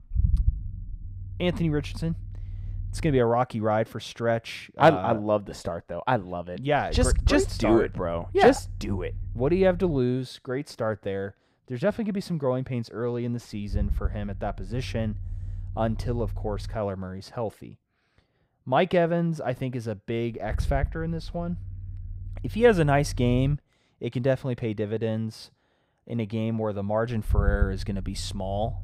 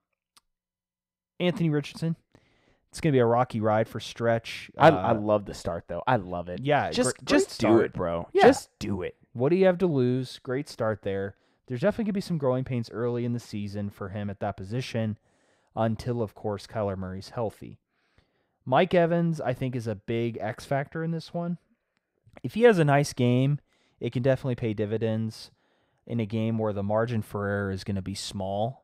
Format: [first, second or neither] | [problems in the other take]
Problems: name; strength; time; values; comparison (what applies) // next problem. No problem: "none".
second | low rumble; faint; throughout; 25 dB below the speech